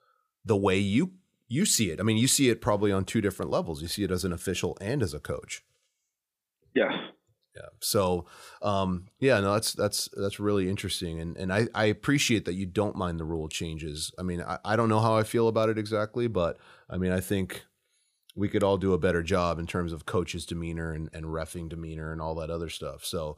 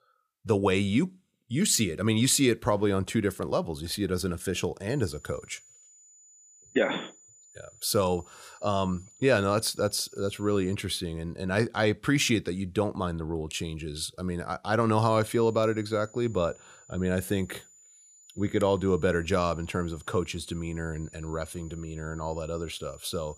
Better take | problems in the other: first | high-pitched whine; faint; from 5 to 11 s and from 15 s on; 7 kHz, 25 dB below the speech

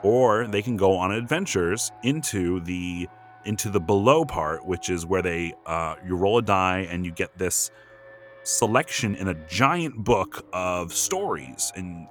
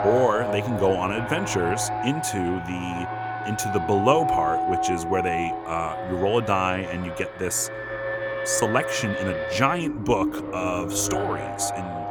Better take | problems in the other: first | alarms or sirens; loud; throughout; 3 dB below the speech; faint in the first

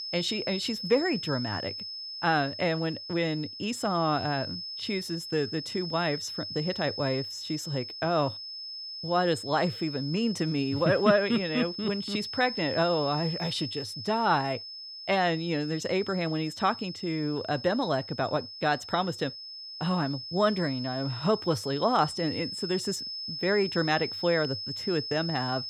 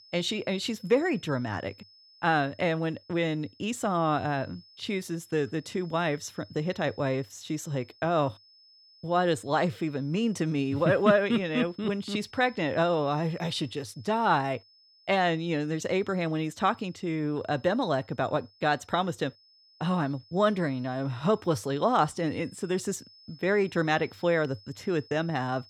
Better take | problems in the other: second | high-pitched whine; loud; throughout; 5 kHz, 7 dB below the speech; faint in the second

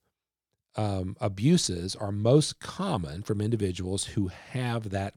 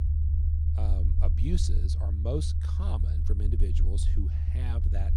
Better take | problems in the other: first | low rumble; loud; throughout; 3 dB below the speech

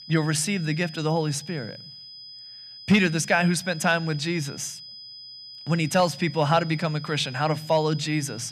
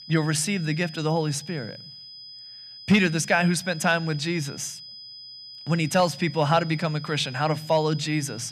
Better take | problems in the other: neither | high-pitched whine; noticeable; throughout; 5 kHz, 15 dB below the speech; the same in both

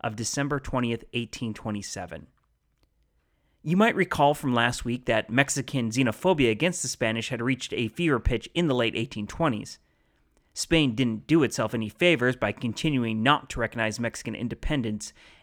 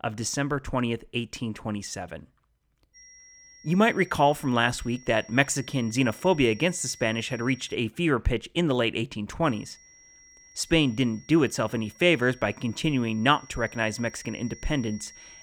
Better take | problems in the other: first | high-pitched whine; faint; from 3 to 7.5 s and from 9.5 s on; 5.5 kHz, 25 dB below the speech

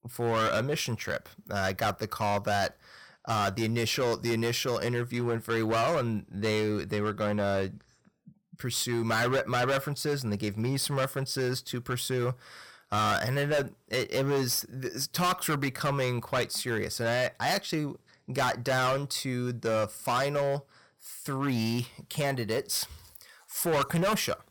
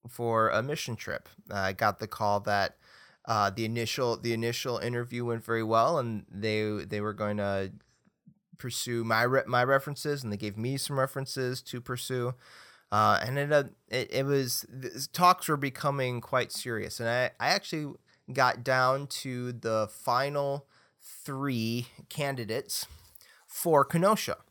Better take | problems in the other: second | distortion; heavy; 12% of the sound clipped

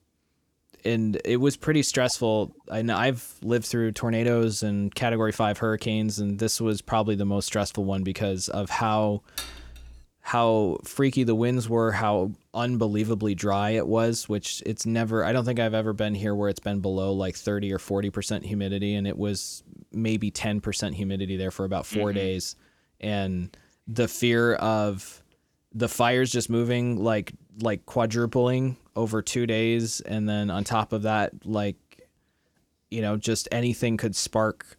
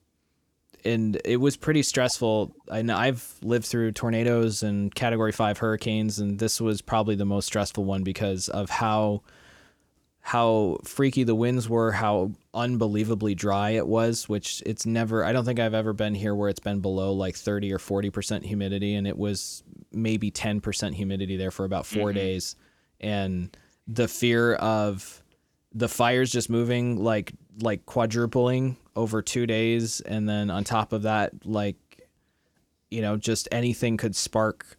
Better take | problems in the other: second | clattering dishes; noticeable; at 9.5 s; peak 9 dB below the speech

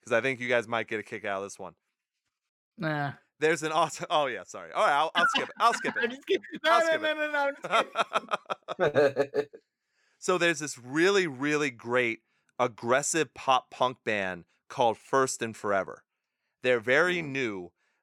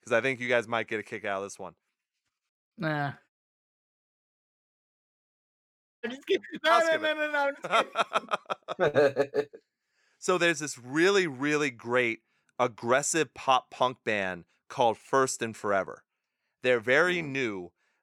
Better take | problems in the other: first | audio cutting out; at 3.5 s for 2.5 s

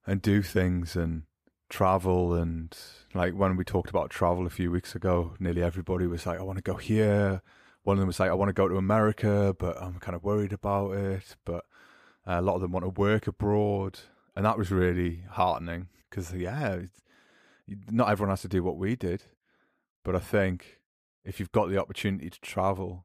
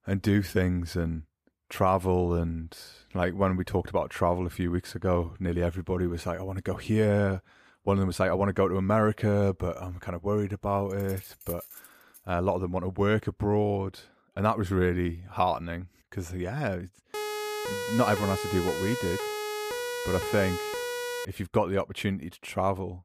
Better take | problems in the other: first | jangling keys; faint; from 11 to 12 s; peak 15 dB below the speech // siren; noticeable; from 17 to 21 s; peak 4 dB below the speech

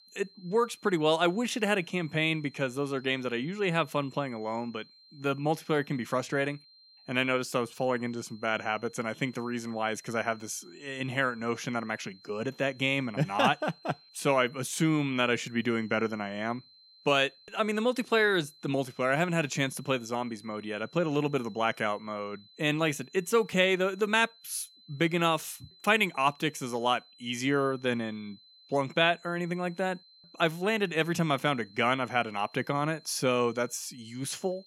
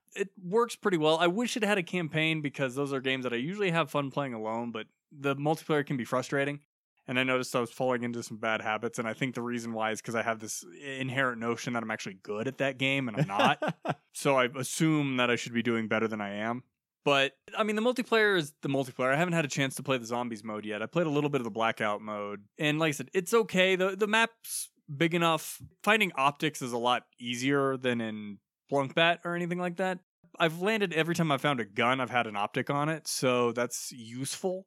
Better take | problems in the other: second | high-pitched whine; faint; throughout; 4 kHz, 25 dB below the speech

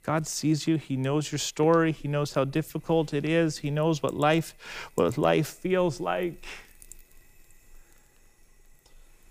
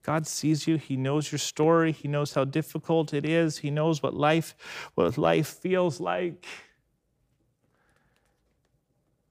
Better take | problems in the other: second | household noises; faint; throughout; 30 dB below the speech

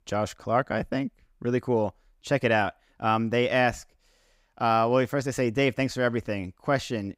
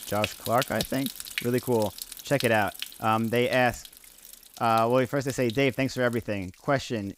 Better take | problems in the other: first | rain or running water; noticeable; throughout; 10 dB below the speech

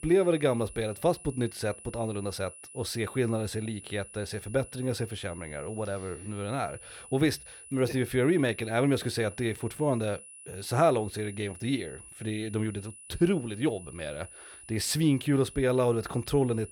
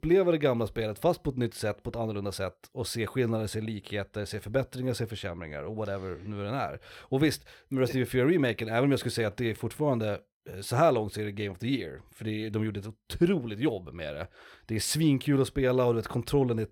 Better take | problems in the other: second | high-pitched whine; noticeable; throughout; 10 kHz, 15 dB below the speech

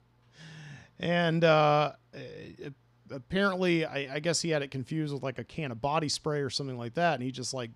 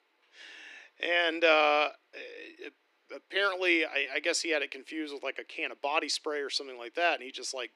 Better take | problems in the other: first | thin; very; fading below 300 Hz

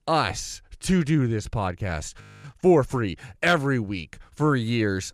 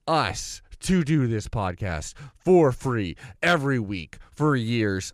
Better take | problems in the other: second | audio freezing; at 2 s

